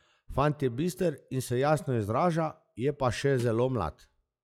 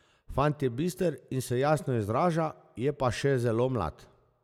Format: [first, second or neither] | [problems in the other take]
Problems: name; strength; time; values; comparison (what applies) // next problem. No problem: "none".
second | noise reduction (classical method log-MMSE)